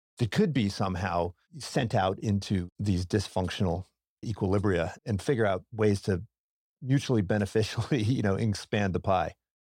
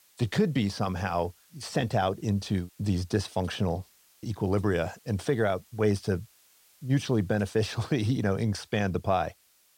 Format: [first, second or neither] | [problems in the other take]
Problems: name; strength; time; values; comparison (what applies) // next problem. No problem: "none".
first | hiss; faint; throughout; 30 dB below the speech